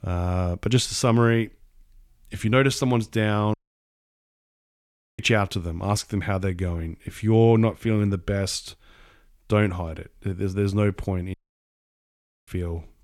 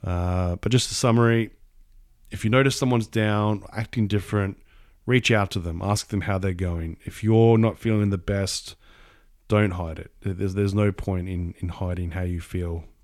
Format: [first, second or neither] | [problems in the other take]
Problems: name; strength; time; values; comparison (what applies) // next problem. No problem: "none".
second | audio cutting out; at 3.5 s for 1.5 s and at 11 s for 1 s